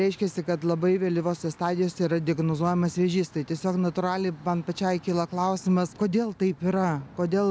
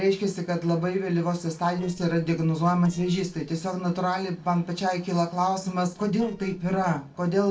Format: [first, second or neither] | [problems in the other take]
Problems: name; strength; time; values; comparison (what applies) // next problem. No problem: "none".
first | noise reduction (neural separator model SepFormer DNS4)